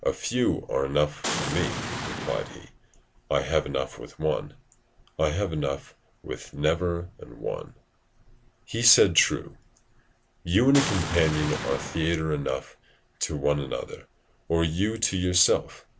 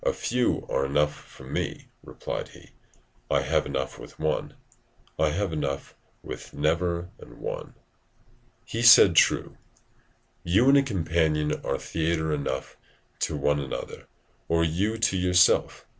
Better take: second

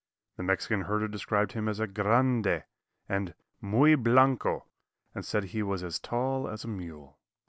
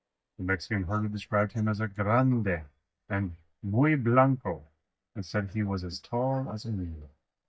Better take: first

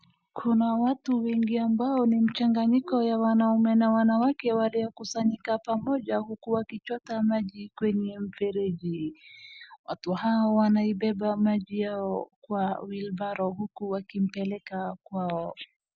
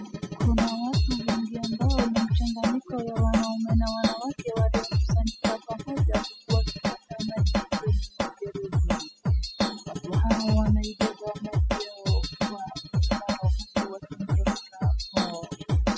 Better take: first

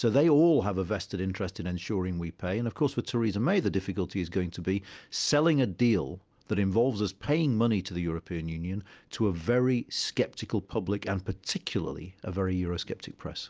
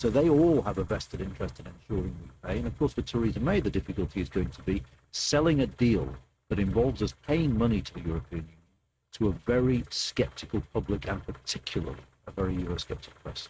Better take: first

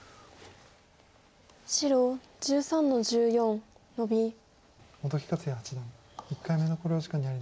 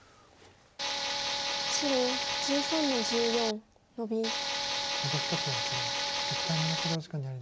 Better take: first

